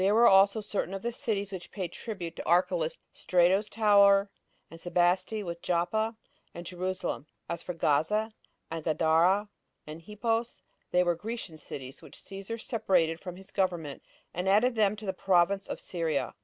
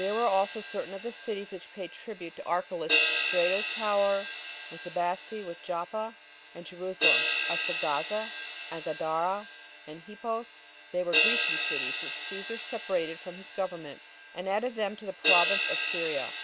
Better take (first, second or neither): first